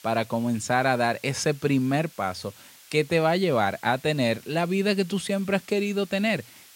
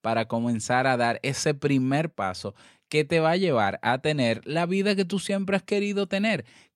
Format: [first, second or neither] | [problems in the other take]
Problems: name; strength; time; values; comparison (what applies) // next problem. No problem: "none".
second | hiss; faint; throughout; 25 dB below the speech